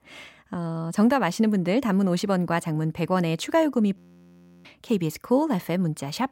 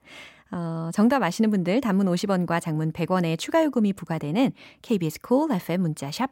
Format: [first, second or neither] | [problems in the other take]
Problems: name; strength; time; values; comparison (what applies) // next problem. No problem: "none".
second | audio freezing; at 4 s for 0.5 s